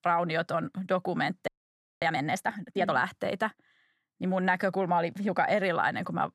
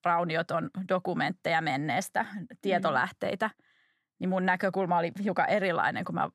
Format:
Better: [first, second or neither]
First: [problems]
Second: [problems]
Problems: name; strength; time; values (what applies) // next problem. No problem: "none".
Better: second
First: audio freezing; at 1.5 s for 0.5 s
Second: none